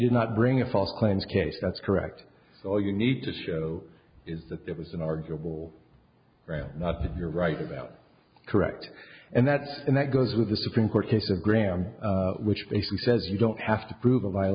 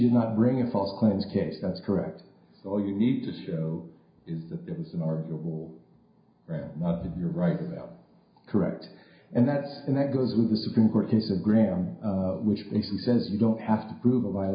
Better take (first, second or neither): first